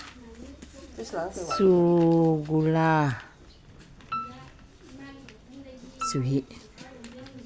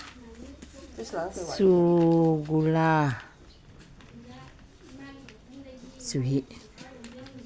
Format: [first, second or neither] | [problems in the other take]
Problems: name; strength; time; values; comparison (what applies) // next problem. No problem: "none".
second | background sound (Piano); 13 dB below the speech